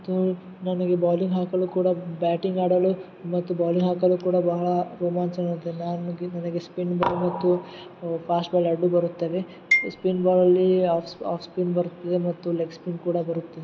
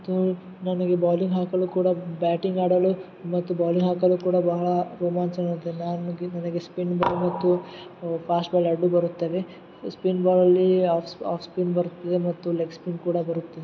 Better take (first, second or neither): second